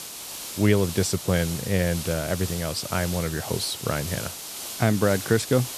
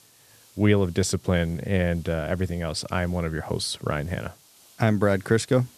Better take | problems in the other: second | hiss; loud; throughout; 8 dB below the speech; faint in the second

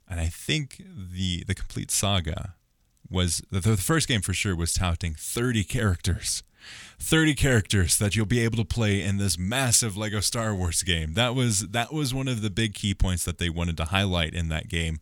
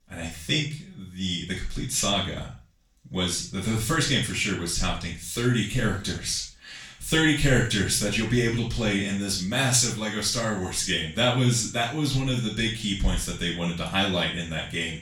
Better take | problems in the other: first | room echo; noticeable; dies away in 0.3 s // off-mic speech; far

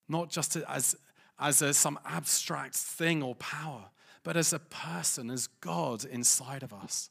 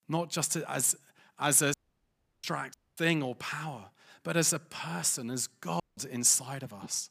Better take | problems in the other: first | audio cutting out; at 1.5 s for 0.5 s, at 2.5 s and at 6 s

